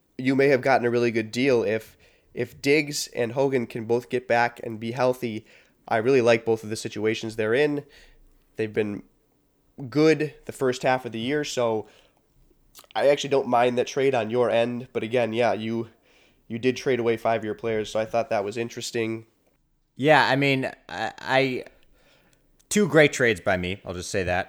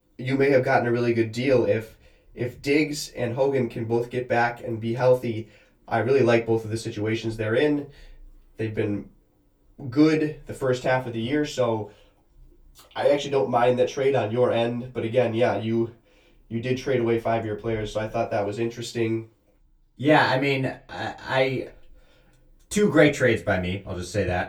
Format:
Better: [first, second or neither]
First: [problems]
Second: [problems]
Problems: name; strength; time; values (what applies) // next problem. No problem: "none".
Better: first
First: none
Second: off-mic speech; far // room echo; very slight; dies away in 0.2 s